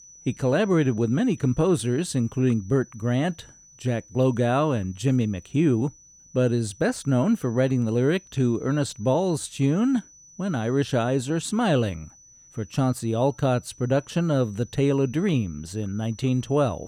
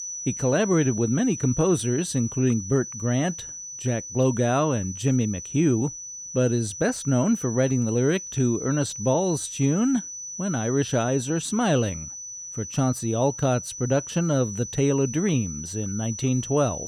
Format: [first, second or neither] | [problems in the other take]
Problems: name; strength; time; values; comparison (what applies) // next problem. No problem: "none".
first | high-pitched whine; loud; throughout; 6 kHz, 9 dB below the speech; faint in the first